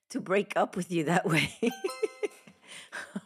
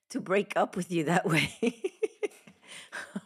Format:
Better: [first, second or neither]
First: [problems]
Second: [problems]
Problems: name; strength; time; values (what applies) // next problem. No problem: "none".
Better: second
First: alarm; faint; at 1.5 s; peak 10 dB below the speech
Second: none